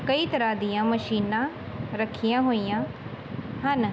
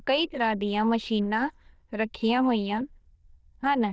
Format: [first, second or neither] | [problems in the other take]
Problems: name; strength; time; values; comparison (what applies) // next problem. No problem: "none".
first | noise reduction (neural diffusion model UNIVERSE++)